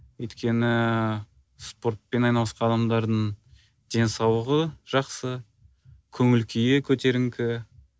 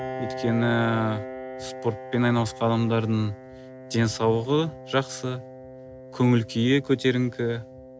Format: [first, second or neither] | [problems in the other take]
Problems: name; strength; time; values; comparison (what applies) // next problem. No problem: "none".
first | background sound (Piano); 13 dB below the speech